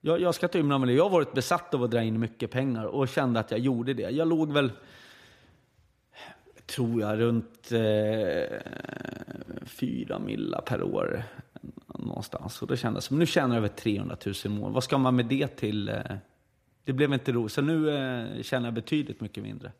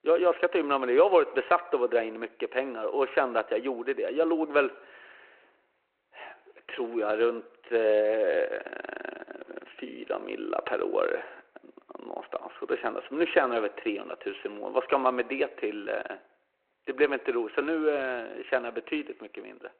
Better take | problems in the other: first | phone-call audio

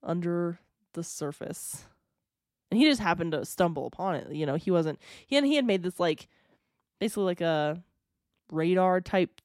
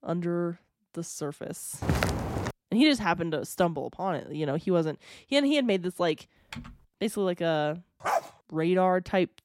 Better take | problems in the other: first | footsteps; loud; at 2 s; peak level with the speech // keyboard typing; faint; at 6.5 s; peak 15 dB below the speech // dog barking; noticeable; at 8 s; peak 2 dB below the speech

